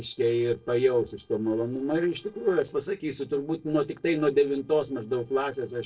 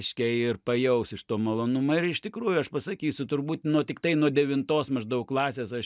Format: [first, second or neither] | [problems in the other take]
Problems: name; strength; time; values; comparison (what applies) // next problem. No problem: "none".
second | noise reduction (neural separator model SepFormer DNS4)